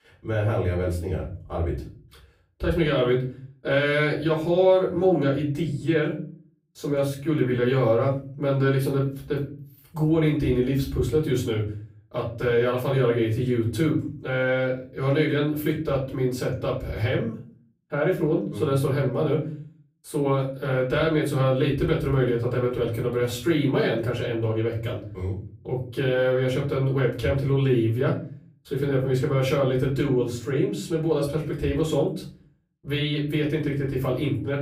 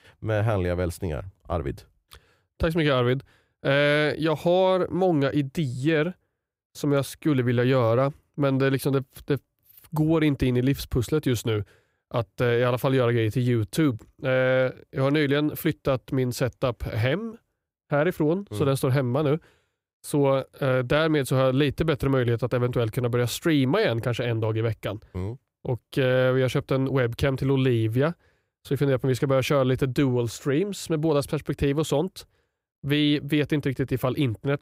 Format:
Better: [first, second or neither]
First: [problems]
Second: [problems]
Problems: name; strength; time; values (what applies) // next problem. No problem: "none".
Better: second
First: off-mic speech; far // room echo; slight; dies away in 0.4 s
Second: none